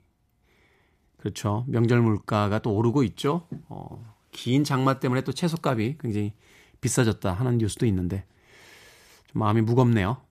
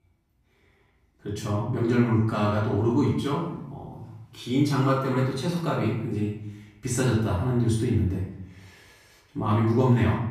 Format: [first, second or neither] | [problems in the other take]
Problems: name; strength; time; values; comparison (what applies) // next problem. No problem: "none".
first | off-mic speech; far // room echo; noticeable; dies away in 0.6 s